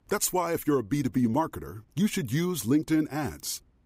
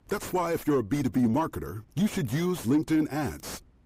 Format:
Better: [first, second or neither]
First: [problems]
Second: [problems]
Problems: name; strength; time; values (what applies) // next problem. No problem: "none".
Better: first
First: none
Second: distortion; slight; 10 dB below the speech